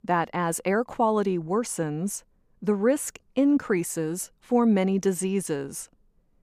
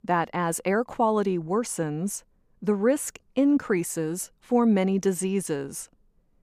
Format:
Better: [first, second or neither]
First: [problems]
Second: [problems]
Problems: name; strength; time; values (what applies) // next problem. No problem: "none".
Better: neither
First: none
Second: none